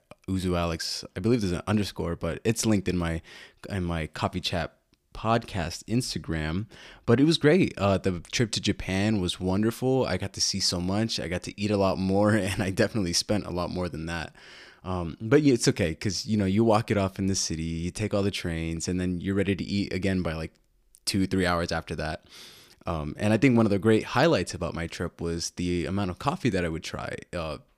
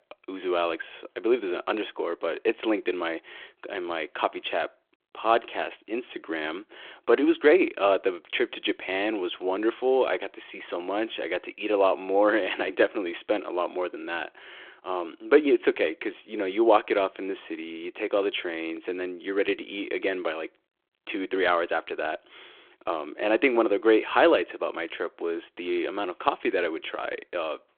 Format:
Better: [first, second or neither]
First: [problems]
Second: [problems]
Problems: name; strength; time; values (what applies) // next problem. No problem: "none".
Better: first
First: none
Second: phone-call audio